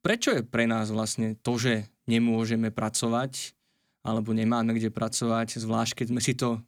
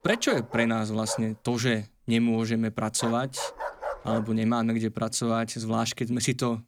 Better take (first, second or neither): first